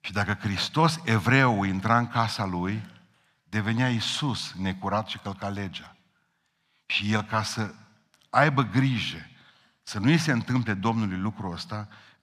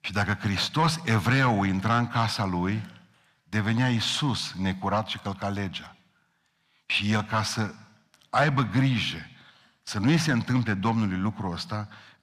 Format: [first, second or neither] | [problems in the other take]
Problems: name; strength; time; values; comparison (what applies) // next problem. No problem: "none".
first | distortion; slight; 10 dB below the speech